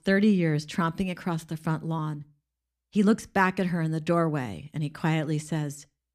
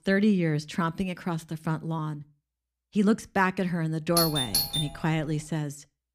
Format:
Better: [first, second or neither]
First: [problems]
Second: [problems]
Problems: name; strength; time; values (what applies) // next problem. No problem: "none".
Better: first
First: none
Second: doorbell; loud; at 4 s; peak 3 dB above the speech